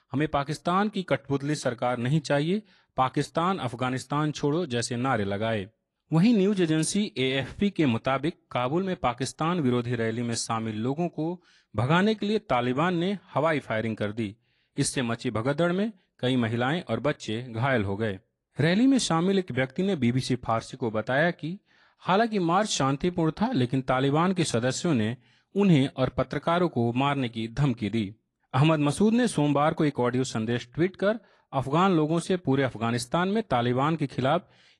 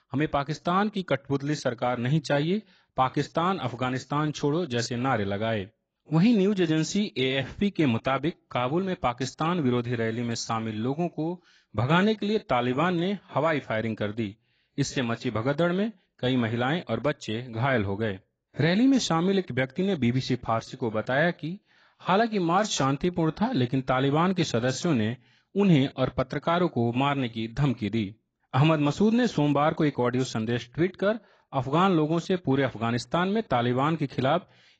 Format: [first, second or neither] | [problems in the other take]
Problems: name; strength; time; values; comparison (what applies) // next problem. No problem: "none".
first | garbled, watery; badly; nothing above 7.5 kHz; slightly in the first